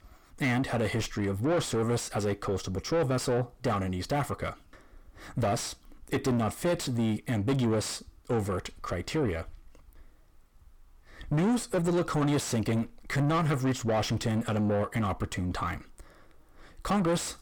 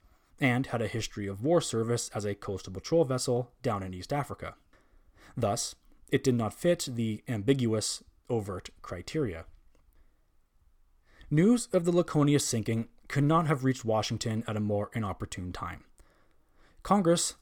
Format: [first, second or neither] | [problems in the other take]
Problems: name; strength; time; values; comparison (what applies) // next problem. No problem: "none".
second | distortion; heavy; 6 dB below the speech